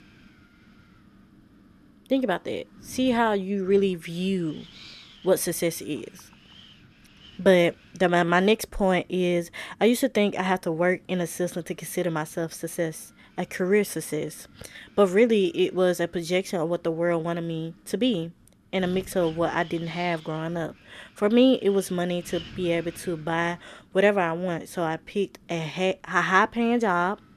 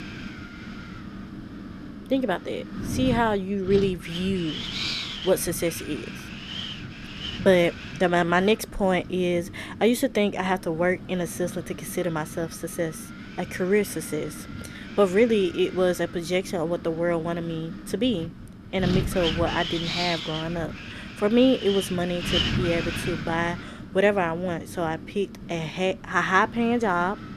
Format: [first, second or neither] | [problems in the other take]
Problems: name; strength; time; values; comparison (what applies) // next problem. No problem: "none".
first | wind noise on the microphone; heavy; 8 dB below the speech; occasional gusts in the first